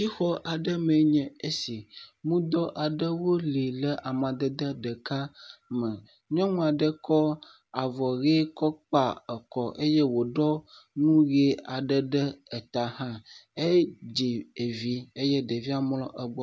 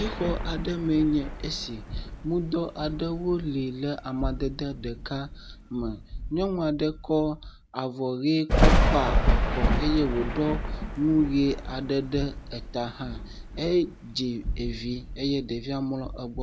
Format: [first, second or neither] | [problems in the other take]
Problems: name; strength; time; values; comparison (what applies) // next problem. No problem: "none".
first | background sound (Thunder); 1 dB below the speech